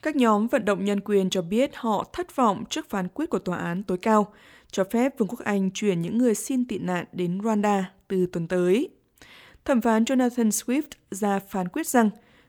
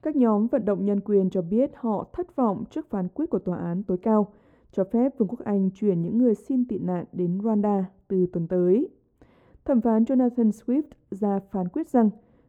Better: first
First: none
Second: muffled; very; fading above 1.5 kHz

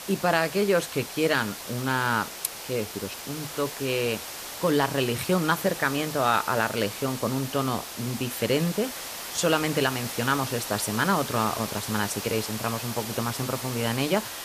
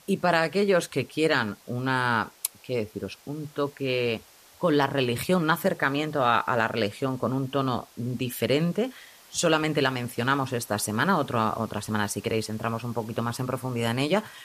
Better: second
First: hiss; loud; throughout; 7 dB below the speech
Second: hiss; faint; throughout; 25 dB below the speech

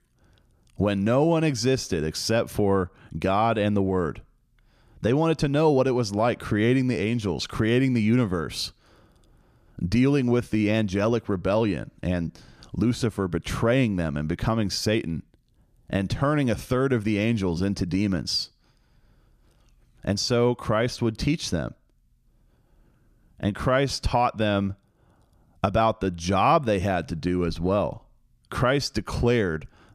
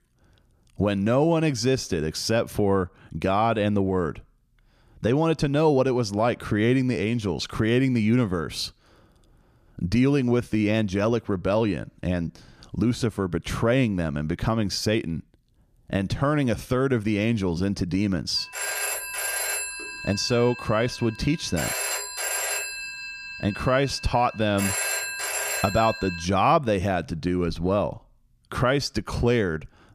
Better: first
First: none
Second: phone ringing; loud; from 18 to 26 s; peak level with the speech

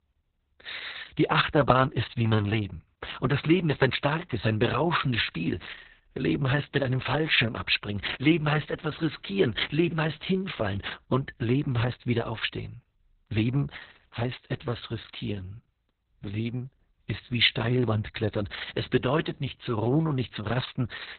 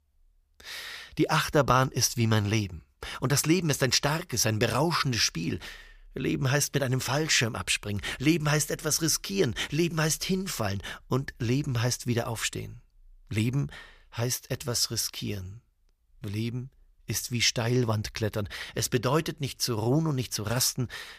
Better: second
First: garbled, watery; badly; nothing above 4 kHz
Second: none

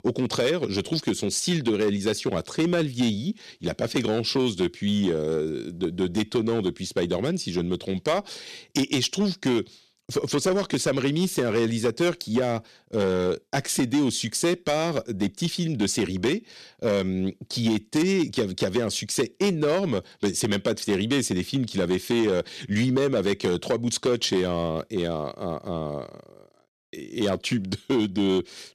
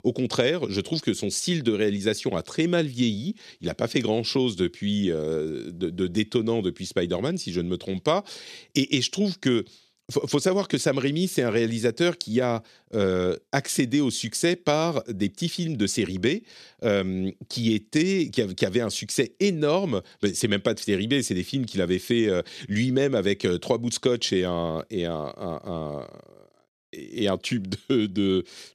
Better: second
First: distortion; slight; 6% of the sound clipped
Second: none

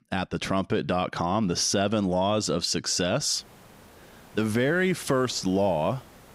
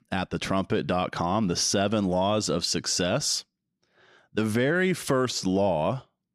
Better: second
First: hiss; faint; from 3.5 s on; 25 dB below the speech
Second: none

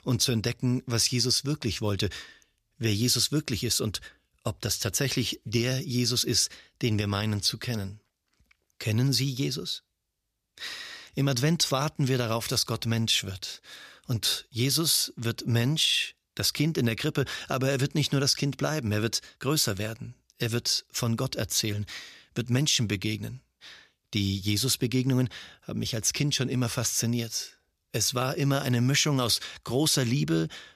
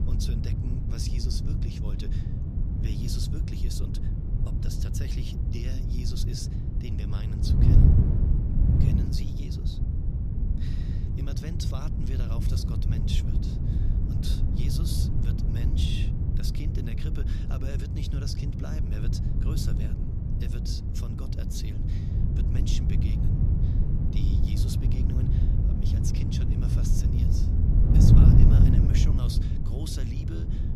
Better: first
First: none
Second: wind noise on the microphone; heavy; 3 dB above the speech

